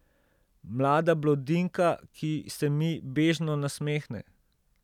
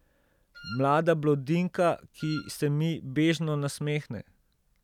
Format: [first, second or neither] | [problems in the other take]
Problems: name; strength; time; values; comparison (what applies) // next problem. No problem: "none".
first | background sound (Wind instrument, woodwind instrument); 17 dB below the speech